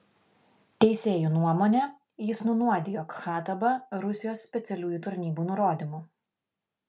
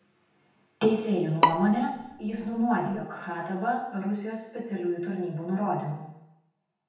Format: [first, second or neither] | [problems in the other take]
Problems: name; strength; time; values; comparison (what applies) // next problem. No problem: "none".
first | background sound (Bowed string instrument); 1 dB below the speech // room echo; dies away in 0.9 s